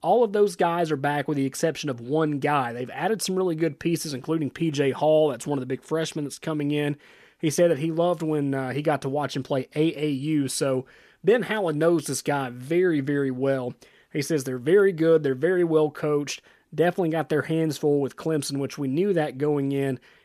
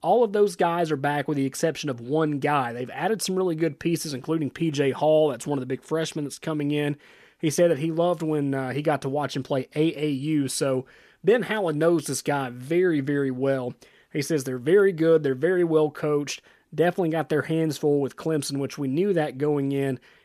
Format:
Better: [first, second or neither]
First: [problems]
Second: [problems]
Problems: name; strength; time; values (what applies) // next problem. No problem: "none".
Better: neither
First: none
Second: none